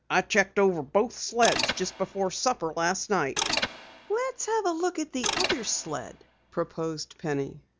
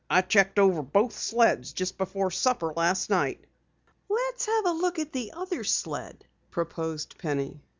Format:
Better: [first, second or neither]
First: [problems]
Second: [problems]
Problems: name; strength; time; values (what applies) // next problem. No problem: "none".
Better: second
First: background sound (Mechanisms); 6 dB below the speech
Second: none